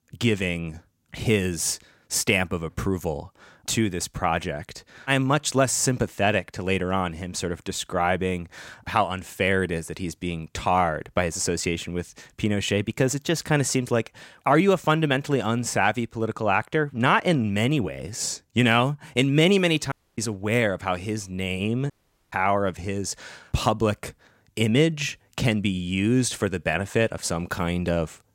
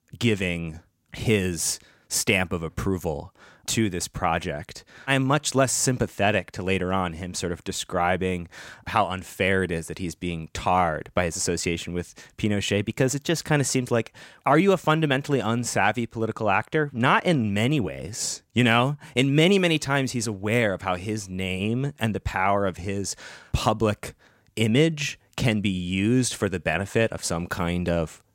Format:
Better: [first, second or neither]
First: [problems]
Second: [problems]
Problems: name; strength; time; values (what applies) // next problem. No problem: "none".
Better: second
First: audio cutting out; at 20 s and at 22 s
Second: none